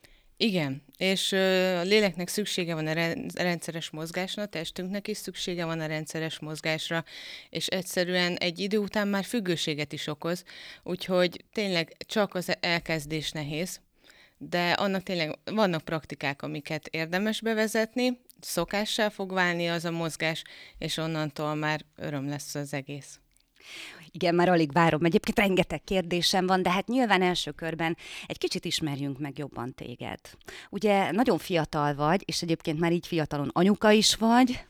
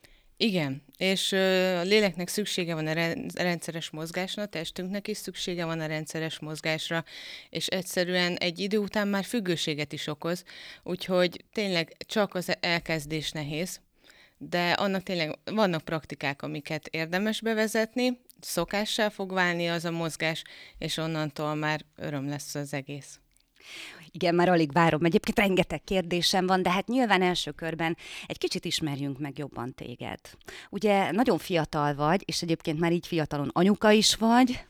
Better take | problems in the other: neither | none

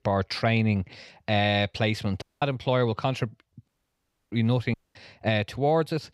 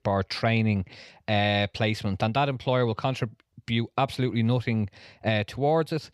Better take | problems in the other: second | audio cutting out; at 2 s, at 3.5 s for 0.5 s and at 4.5 s

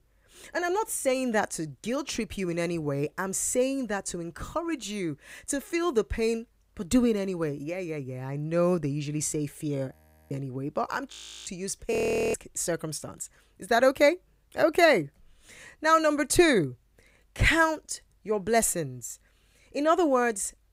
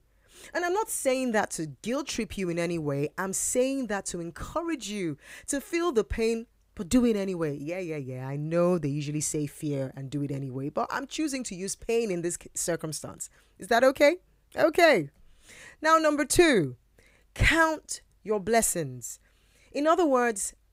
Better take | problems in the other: second | audio freezing; at 10 s, at 11 s and at 12 s

